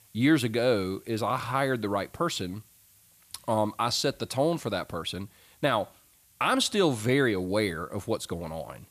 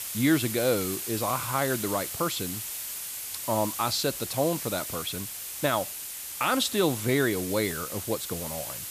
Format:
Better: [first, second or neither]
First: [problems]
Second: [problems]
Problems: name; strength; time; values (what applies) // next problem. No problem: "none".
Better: first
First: hiss; faint; throughout; 30 dB below the speech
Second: hiss; loud; throughout; 5 dB below the speech